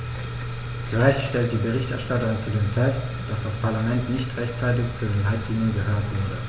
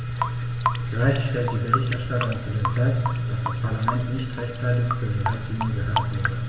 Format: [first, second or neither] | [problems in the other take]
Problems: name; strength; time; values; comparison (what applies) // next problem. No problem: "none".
first | background sound (Drip / Sink (filling or washing) / Water tap, faucet); 7 dB below the speech // room echo; dies away in 2.8 s